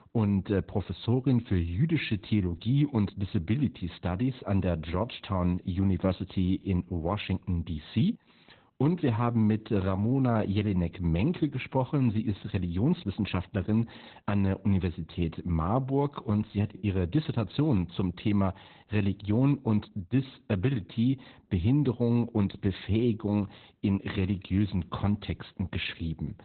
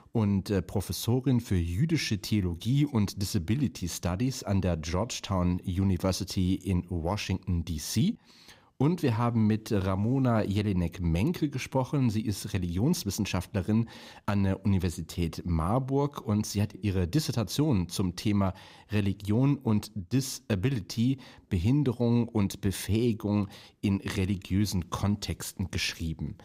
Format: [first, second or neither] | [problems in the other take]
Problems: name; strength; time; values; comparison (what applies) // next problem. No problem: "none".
second | garbled, watery; badly; nothing above 4 kHz